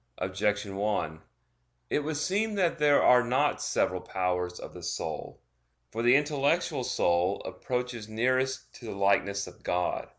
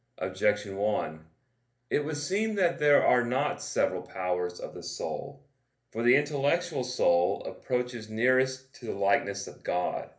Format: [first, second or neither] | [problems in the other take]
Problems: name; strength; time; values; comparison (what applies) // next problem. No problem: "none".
first | room echo; dies away in 0.3 s